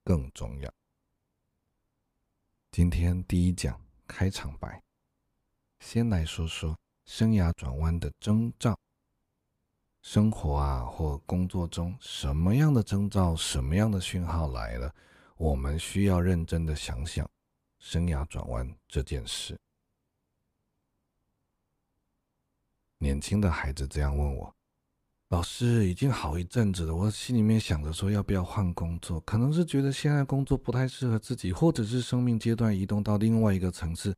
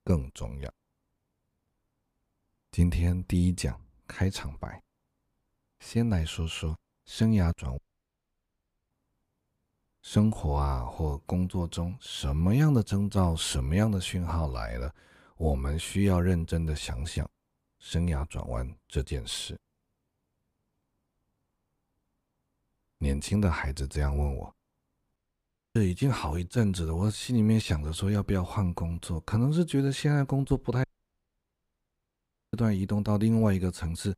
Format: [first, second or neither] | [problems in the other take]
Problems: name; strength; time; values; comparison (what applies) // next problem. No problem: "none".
first | audio cutting out; at 8 s for 1 s, at 25 s for 0.5 s and at 31 s for 1.5 s